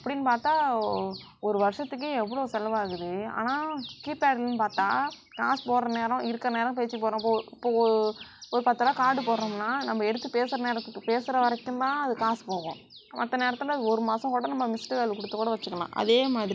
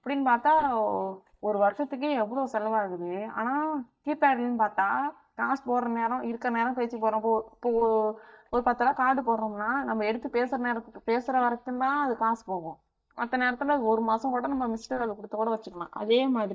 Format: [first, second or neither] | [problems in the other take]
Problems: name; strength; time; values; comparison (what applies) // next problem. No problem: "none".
first | noise reduction (neural mask model DeepFilterNet 3)